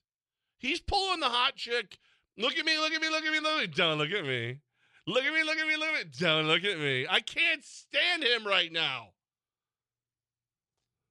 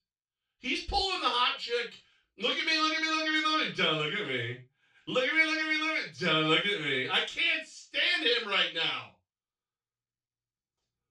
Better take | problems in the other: first | room echo; noticeable; dies away in 0.2 s // off-mic speech; far

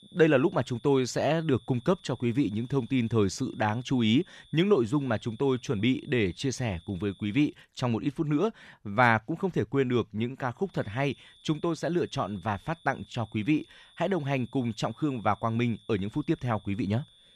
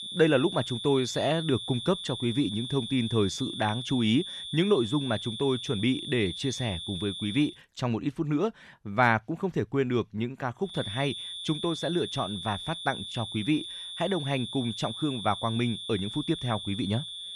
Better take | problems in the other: first | high-pitched whine; loud; until 7.5 s and from 11 s on; 3.5 kHz, 7 dB below the speech; faint in the first

